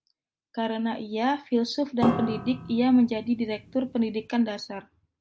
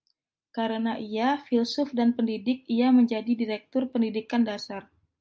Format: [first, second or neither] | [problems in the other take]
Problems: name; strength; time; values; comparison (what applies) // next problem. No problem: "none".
second | background sound (Piano); 8 dB below the speech